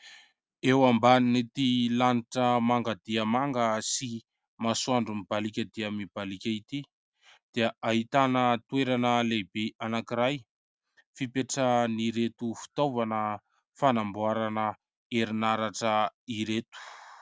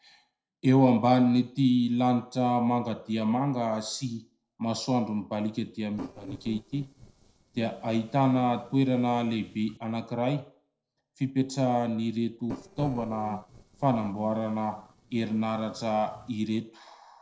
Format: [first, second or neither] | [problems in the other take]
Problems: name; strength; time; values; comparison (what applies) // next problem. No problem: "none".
first | noise reduction (neural separator model SepFormer DNS4)